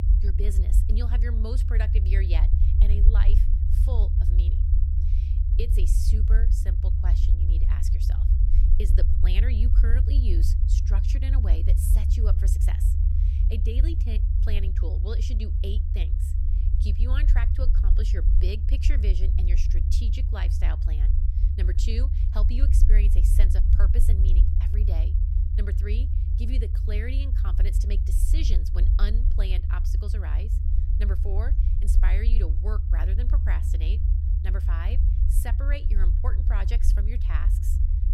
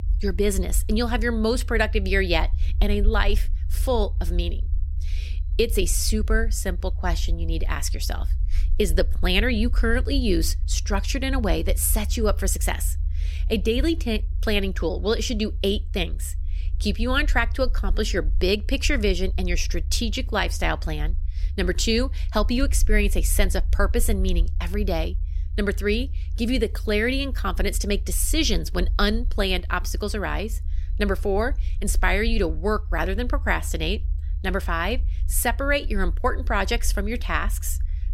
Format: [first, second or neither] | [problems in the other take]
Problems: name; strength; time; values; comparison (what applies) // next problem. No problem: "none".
second | low rumble; loud; throughout; 3 dB below the speech; faint in the second